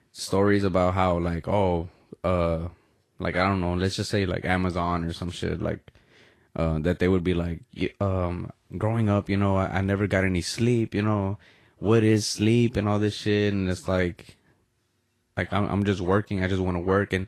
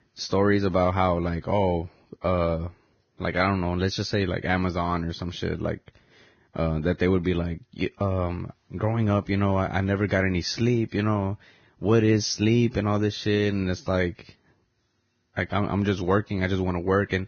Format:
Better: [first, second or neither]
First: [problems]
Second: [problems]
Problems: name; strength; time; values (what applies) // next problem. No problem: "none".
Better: first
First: garbled, watery; slightly; nothing above 12.5 kHz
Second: garbled, watery; badly; nothing above 6.5 kHz